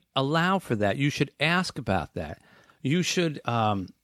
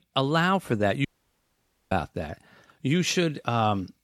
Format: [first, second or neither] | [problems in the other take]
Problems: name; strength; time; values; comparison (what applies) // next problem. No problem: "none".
first | audio cutting out; at 1 s for 1 s